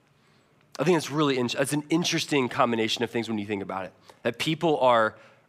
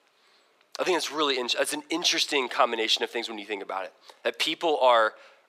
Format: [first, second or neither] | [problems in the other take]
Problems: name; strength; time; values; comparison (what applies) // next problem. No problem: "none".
first | thin; somewhat; fading below 400 Hz